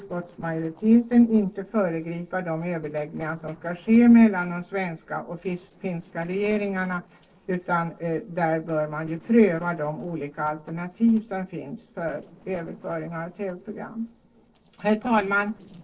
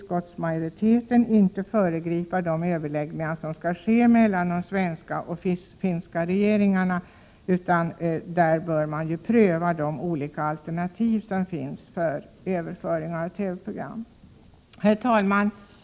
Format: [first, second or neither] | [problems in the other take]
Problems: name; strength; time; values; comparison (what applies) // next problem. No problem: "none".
second | noise reduction (neural separator model SepFormer DNS4)